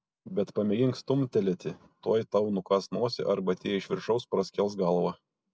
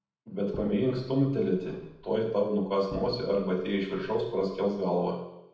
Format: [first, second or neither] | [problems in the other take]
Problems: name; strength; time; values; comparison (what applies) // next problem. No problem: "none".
first | background sound (Explosion); 18 dB below the speech // room echo; dies away in 0.8 s